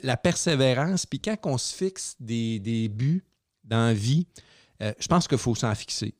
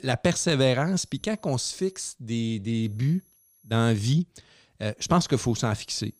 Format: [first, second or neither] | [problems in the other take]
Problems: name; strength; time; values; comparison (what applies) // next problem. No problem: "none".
first | high-pitched whine; faint; from 1 to 2 s, from 3 to 4 s and from 5 s on; 11.5 kHz, 35 dB below the speech